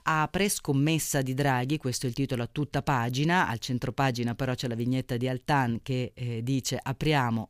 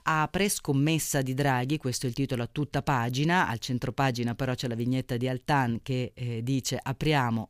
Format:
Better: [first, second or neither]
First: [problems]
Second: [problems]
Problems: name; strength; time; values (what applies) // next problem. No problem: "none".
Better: neither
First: none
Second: none